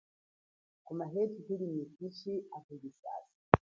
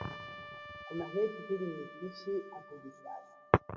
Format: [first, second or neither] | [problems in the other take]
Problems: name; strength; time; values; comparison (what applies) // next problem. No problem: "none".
first | background sound (Trumpet); 13 dB below the speech // room echo; dies away in 1.1 s